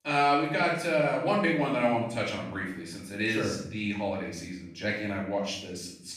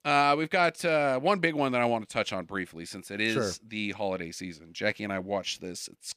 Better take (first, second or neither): second